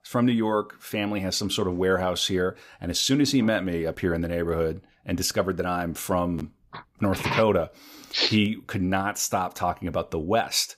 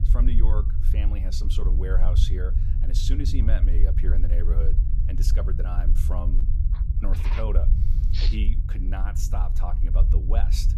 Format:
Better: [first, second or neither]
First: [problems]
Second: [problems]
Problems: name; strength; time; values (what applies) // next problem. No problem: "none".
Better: first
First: none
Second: low rumble; loud; throughout; 6 dB below the speech